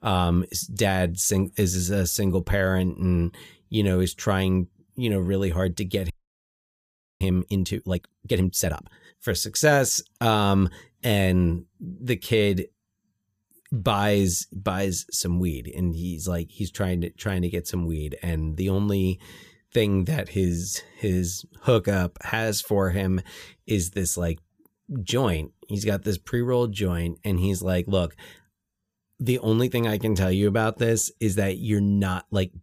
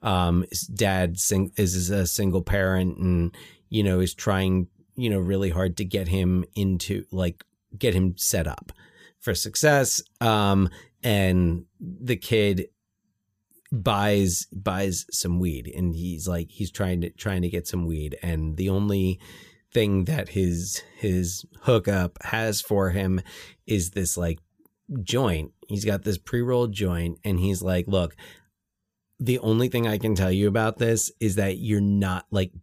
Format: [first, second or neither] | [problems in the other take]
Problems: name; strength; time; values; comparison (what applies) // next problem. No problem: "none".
second | audio freezing; at 6 s for 1 s